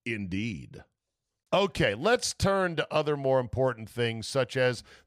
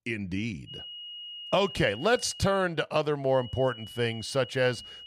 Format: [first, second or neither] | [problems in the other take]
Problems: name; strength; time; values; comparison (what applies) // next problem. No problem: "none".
first | high-pitched whine; noticeable; from 0.5 to 2.5 s and from 3.5 s on; 3 kHz, 15 dB below the speech